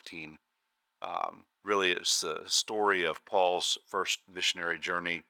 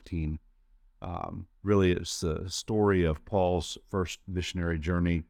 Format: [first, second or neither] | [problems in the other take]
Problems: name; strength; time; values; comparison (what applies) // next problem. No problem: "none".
second | thin; very; fading below 750 Hz